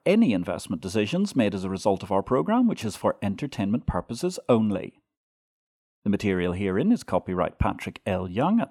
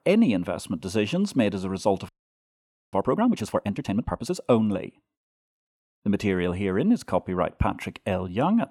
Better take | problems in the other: first | audio freezing; at 2 s for 1 s

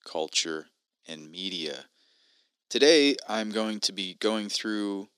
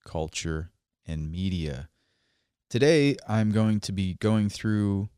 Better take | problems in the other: second | thin; somewhat; fading below 250 Hz

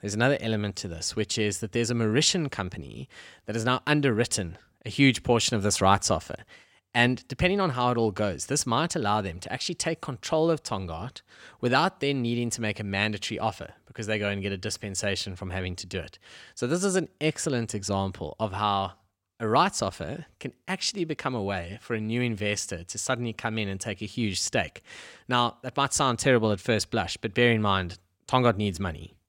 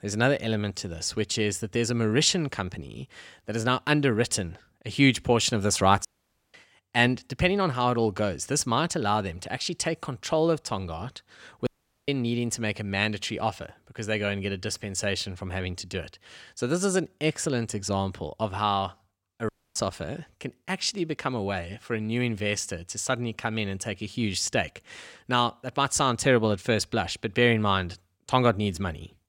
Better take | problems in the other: first | audio cutting out; at 6 s, at 12 s and at 19 s

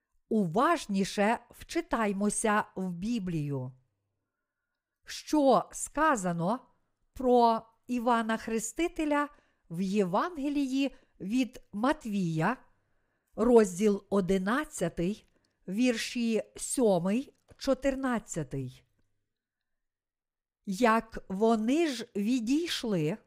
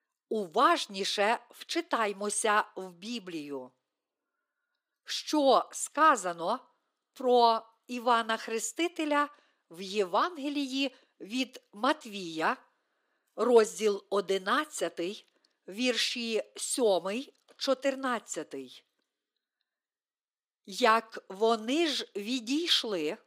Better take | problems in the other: first | thin; somewhat; fading below 300 Hz

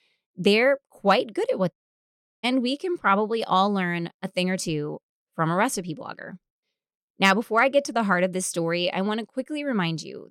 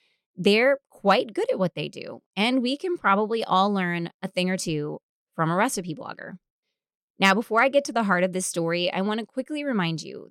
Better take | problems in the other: second | audio cutting out; at 1.5 s for 0.5 s

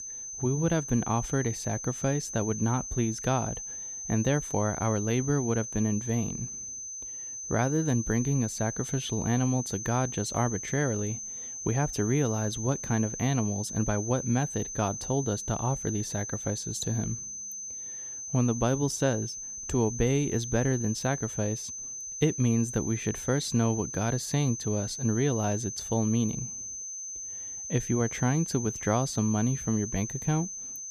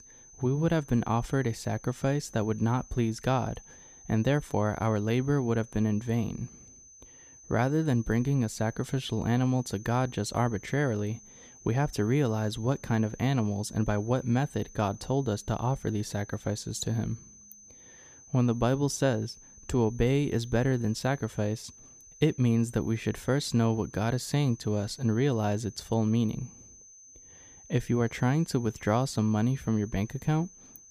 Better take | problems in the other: second | high-pitched whine; loud; throughout; 6 kHz, 6 dB below the speech; faint in the second

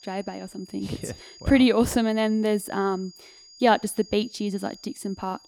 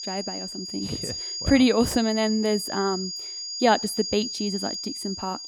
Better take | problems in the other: first | high-pitched whine; loud; throughout; 5 kHz, 6 dB below the speech; faint in the first

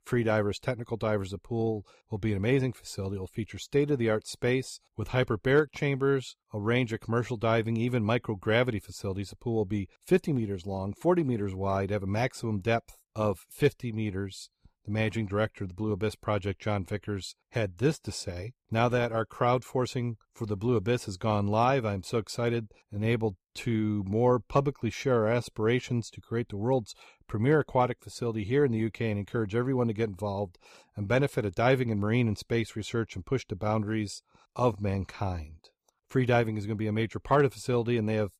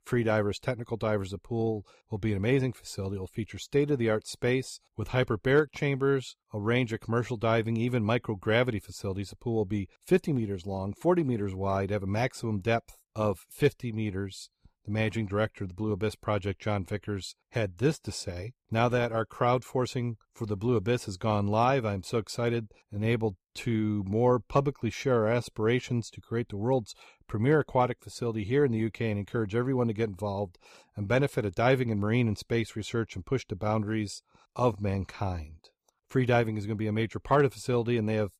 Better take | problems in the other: neither | none

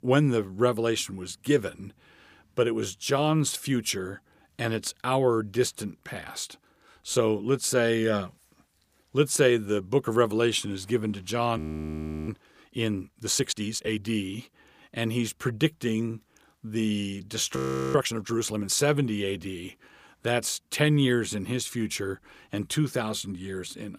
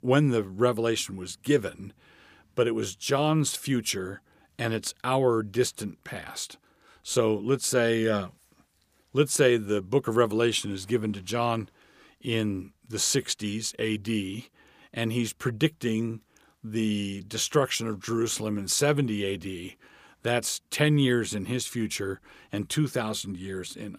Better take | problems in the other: second | audio freezing; at 12 s for 0.5 s and at 18 s

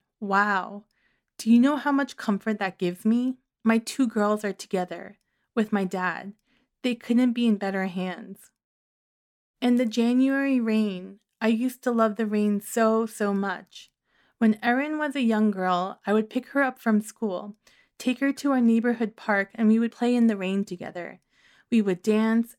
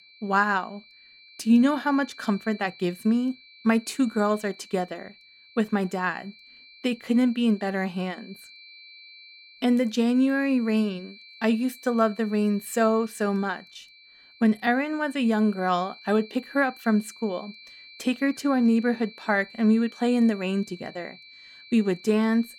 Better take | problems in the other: first | high-pitched whine; faint; throughout; 2.5 kHz, 20 dB below the speech

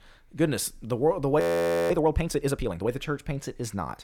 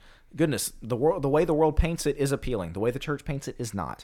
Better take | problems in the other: second | audio freezing; at 1.5 s for 0.5 s

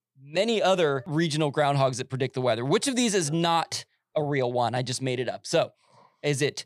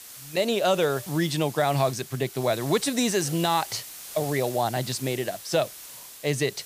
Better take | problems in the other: first | hiss; noticeable; throughout; 15 dB below the speech

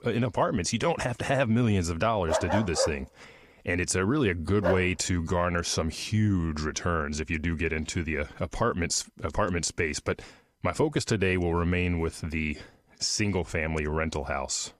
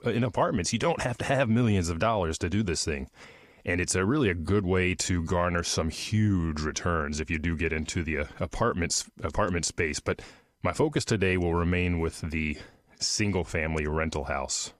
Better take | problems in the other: second | dog barking; noticeable; from 2.5 to 5 s; peak 1 dB below the speech

